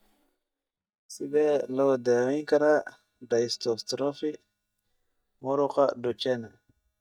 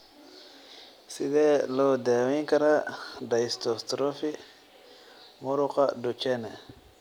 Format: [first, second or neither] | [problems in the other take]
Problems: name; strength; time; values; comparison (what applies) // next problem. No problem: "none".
second | noise reduction (neural mask model DeepFilterNet 3)